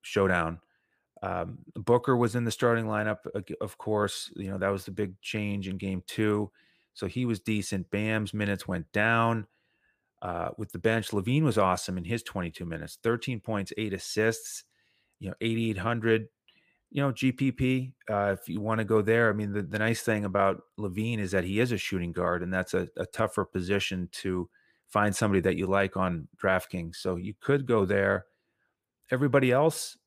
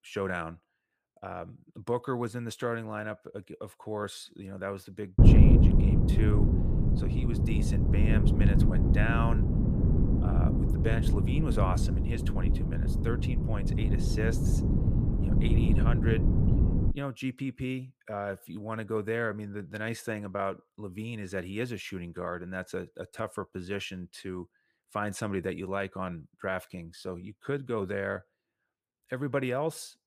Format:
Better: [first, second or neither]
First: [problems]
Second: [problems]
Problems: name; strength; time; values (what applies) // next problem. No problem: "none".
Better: first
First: none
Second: wind noise on the microphone; heavy; from 5 to 17 s; 1 dB below the speech